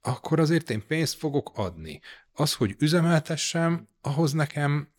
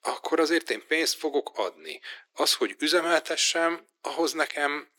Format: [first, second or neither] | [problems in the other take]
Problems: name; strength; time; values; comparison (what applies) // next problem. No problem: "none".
first | thin; very; fading below 350 Hz